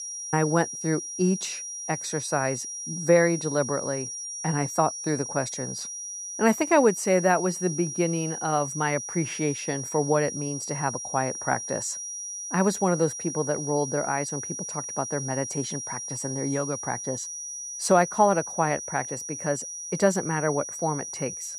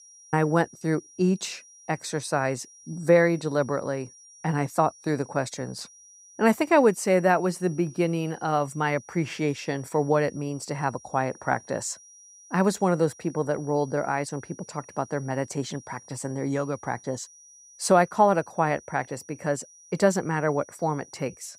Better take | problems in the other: second | high-pitched whine; loud; throughout; 5.5 kHz, 6 dB below the speech; faint in the second

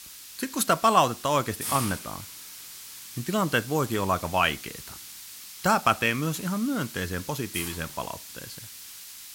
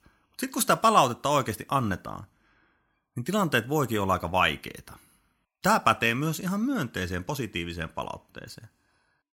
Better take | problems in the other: second | hiss; noticeable; throughout; 10 dB below the speech

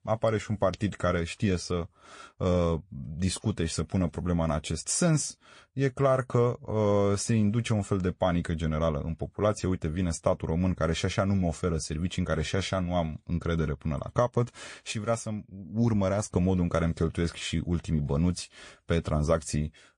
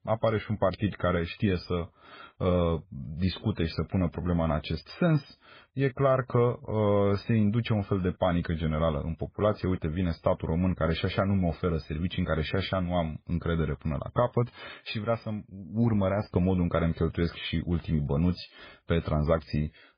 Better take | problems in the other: first | garbled, watery; badly; nothing above 5 kHz; slightly in the first

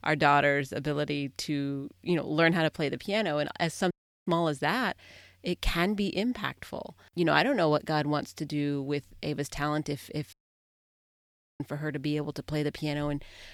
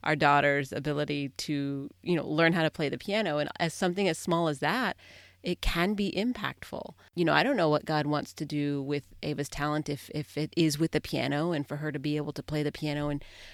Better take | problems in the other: second | audio cutting out; at 4 s and at 10 s for 1.5 s

